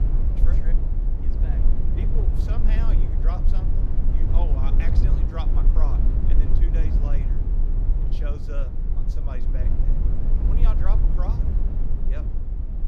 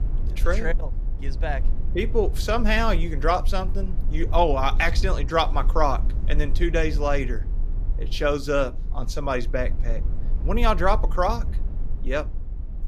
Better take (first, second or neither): second